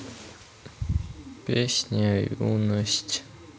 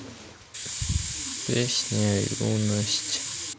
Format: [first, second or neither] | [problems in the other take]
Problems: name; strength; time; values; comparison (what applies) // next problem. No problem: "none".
first | background sound (Hiss); 5 dB below the speech